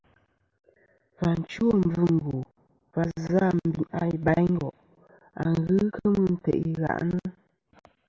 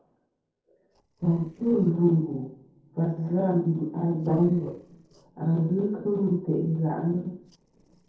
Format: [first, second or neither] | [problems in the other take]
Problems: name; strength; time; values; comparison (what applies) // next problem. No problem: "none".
first | noise reduction (neural separator model SepFormer DNS4)